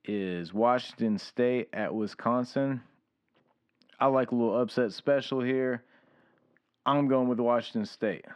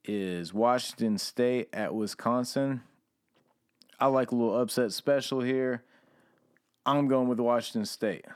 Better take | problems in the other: second | muffled; slightly; fading above 3 kHz

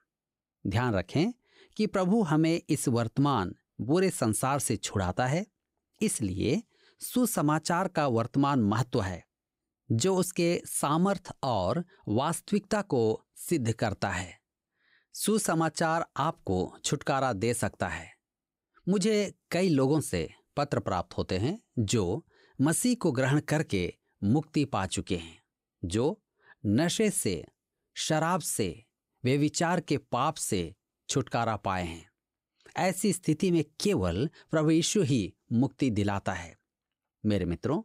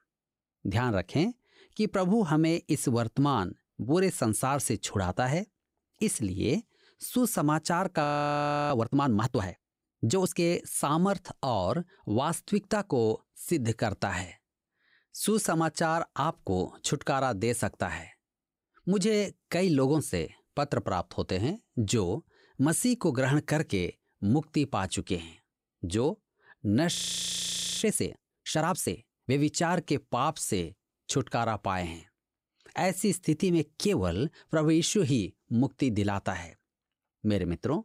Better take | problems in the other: first | audio freezing; at 8 s for 0.5 s and at 27 s for 1 s

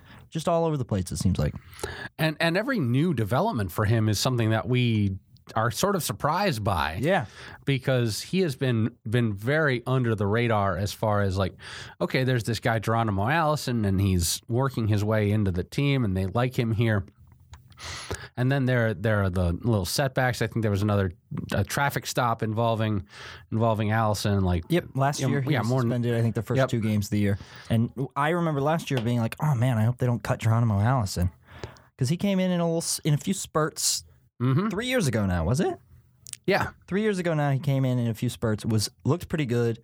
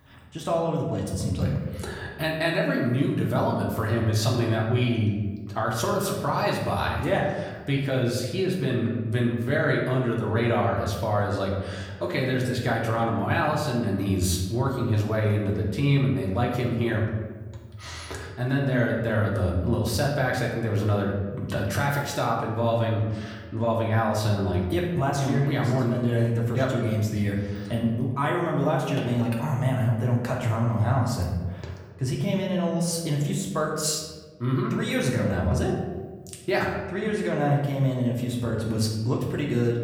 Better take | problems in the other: first | room echo; noticeable; dies away in 1 s // off-mic speech; far

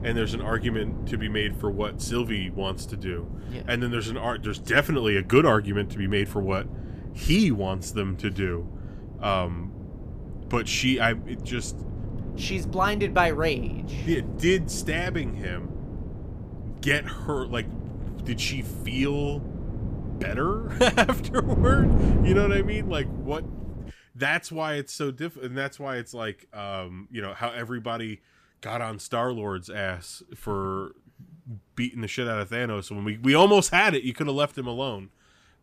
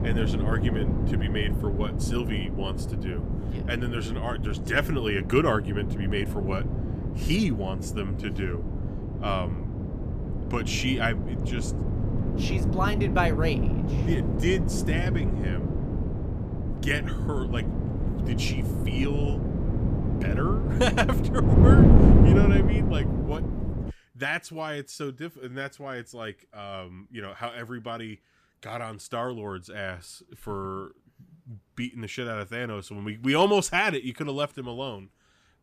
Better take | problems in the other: first | wind noise on the microphone; heavy; until 24 s; 4 dB below the speech; occasional gusts in the first

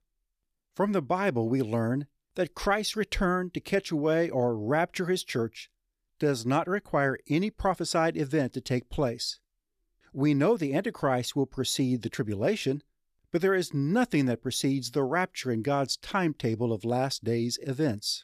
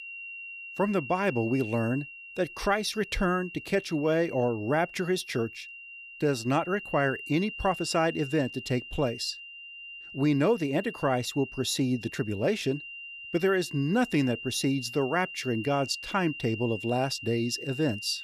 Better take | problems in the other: first | high-pitched whine; noticeable; throughout; 3 kHz, 10 dB below the speech

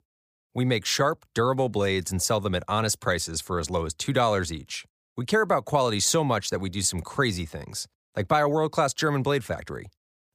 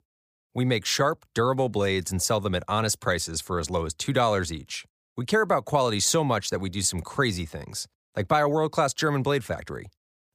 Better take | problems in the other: neither | none

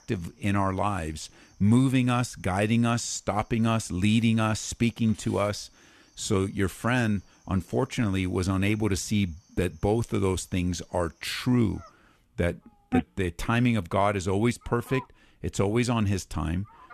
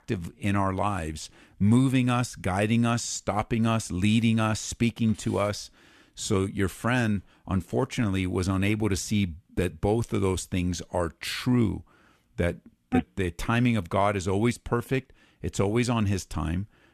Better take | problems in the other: second | animal sounds; faint; throughout; 30 dB below the speech

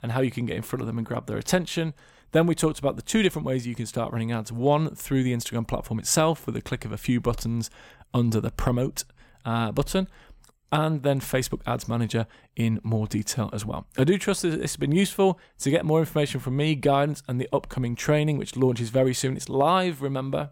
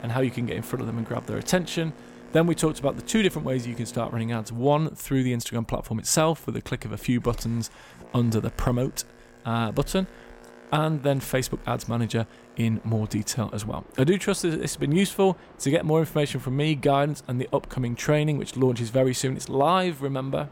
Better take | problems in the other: first | train or aircraft noise; faint; throughout; 20 dB below the speech

